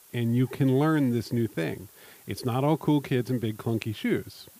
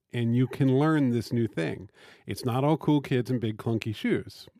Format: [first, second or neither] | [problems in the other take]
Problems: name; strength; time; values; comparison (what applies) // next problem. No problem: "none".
second | hiss; faint; throughout; 25 dB below the speech